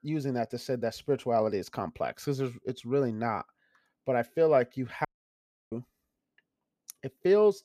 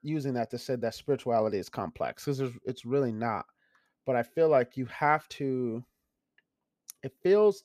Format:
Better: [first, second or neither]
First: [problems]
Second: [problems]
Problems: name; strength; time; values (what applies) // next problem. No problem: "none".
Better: second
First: audio cutting out; at 5 s for 0.5 s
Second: none